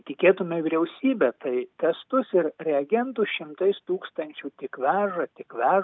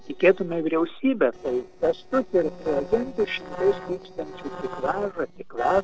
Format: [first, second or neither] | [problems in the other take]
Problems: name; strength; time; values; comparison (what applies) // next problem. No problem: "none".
first | noise reduction (neural separator model SepFormer DNS4)